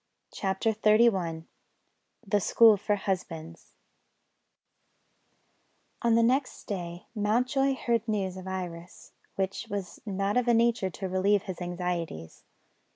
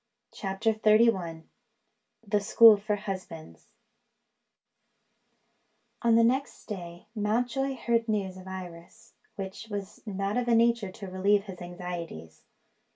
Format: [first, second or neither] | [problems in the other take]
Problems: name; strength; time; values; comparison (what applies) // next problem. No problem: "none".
first | room echo; dies away in 0.2 s